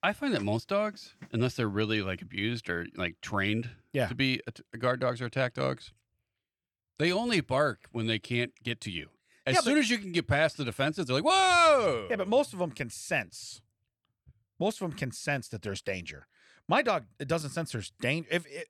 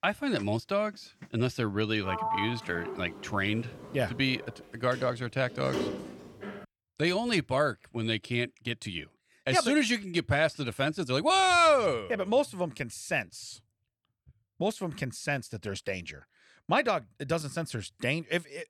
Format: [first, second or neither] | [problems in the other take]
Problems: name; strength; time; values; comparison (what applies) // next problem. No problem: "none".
first | door banging; noticeable; from 2 to 6.5 s; peak 2 dB below the speech